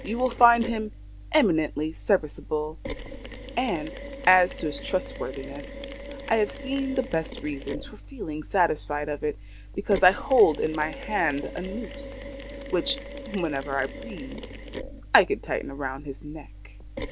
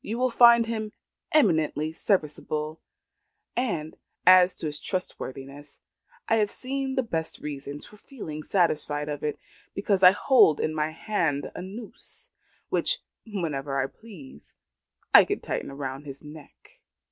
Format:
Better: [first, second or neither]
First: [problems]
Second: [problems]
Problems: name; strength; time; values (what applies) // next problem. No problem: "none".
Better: second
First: background sound (Mechanisms); 11 dB below the speech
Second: none